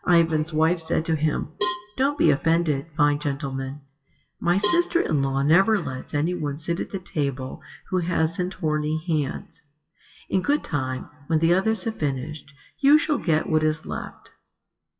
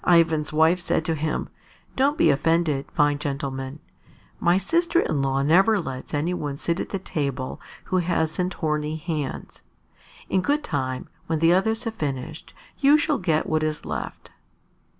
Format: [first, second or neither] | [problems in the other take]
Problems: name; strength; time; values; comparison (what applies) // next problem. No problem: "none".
second | noise reduction (classical method WPE with log-MMSE)